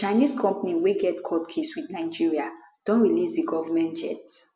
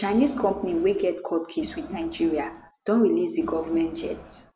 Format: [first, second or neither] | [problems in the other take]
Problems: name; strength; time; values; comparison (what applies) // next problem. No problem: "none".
first | background sound (Crowd); 17 dB below the speech